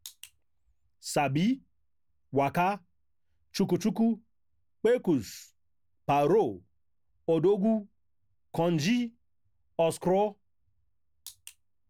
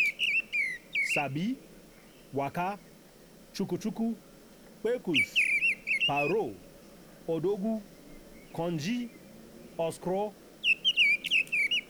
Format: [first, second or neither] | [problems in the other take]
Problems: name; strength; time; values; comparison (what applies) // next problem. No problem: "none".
first | background sound (Bird vocalization, bird call, bird song); 2 dB above the speech